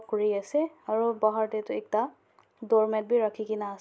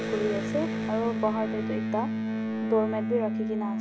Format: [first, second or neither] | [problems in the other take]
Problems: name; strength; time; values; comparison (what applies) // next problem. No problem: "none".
first | background sound (Electric guitar); 1 dB above the speech